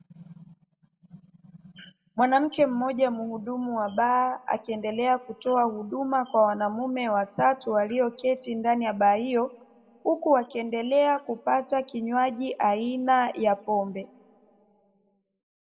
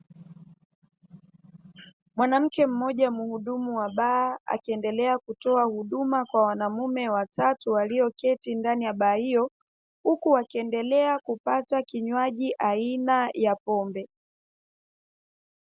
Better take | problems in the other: second | room echo; dies away in 1.1 s

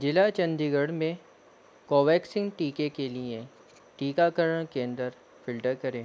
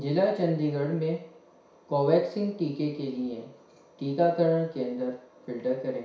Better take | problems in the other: first | room echo; dies away in 0.6 s

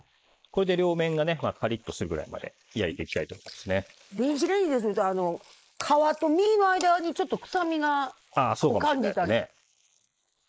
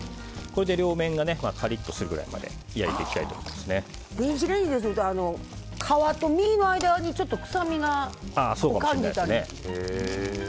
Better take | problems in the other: second | noise reduction (neural mask model Resemble Enhance denoiser)

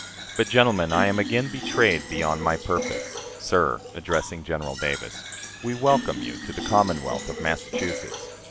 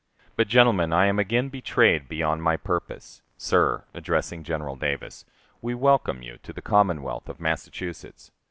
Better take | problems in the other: second | background sound (Fill (with liquid)); 8 dB below the speech

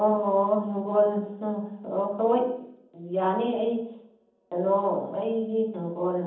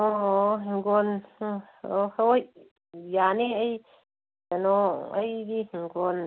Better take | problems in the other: second | room echo; dies away in 0.8 s

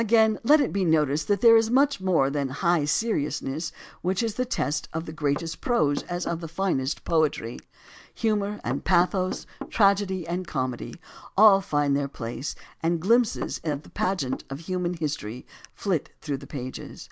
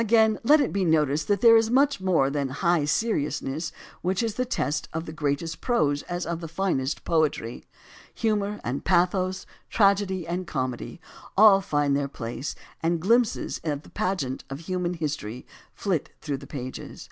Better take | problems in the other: second | background sound (Knock / Wood); 16 dB below the speech

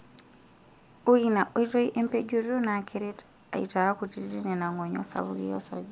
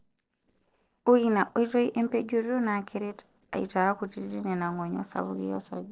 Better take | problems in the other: first | noise reduction (neural separator model SepFormer DNS4)

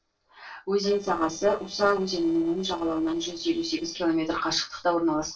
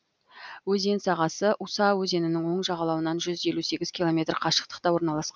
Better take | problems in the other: second | noise reduction (neural separator model SepFormer DNS4)

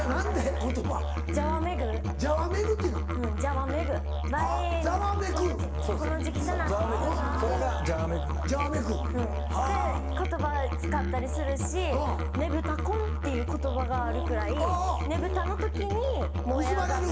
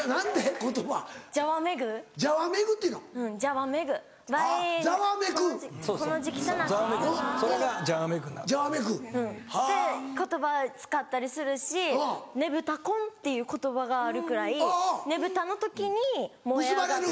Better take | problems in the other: second | background sound (Musical instrument); 2 dB above the speech // room echo; dies away in 0.8 s

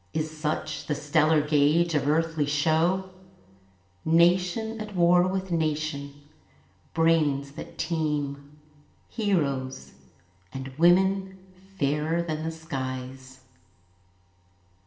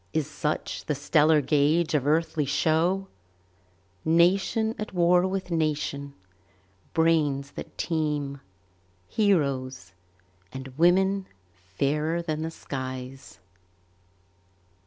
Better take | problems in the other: second | room echo; dies away in 1 s

